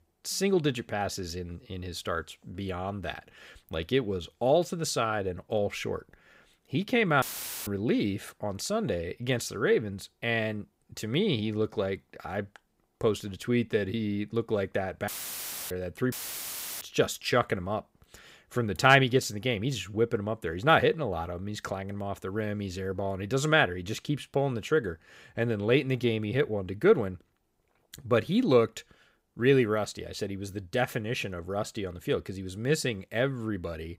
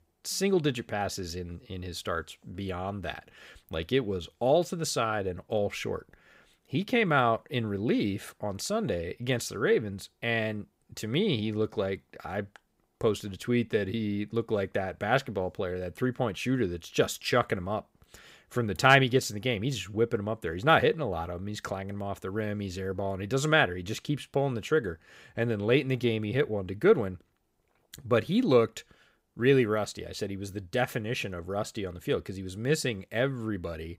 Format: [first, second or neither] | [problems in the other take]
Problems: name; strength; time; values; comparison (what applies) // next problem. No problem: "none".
second | audio cutting out; filled with static; at 7 s, at 15 s for 0.5 s and at 16 s for 0.5 s